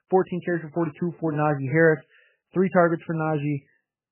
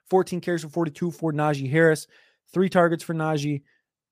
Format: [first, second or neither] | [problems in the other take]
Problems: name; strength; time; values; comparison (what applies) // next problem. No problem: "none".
second | garbled, watery; badly; nothing above 3 kHz